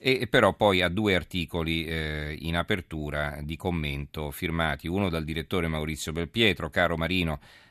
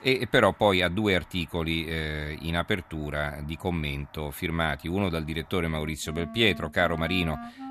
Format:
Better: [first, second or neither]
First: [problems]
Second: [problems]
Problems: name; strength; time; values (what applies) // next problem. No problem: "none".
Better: first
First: none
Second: background music; noticeable; throughout; 20 dB below the speech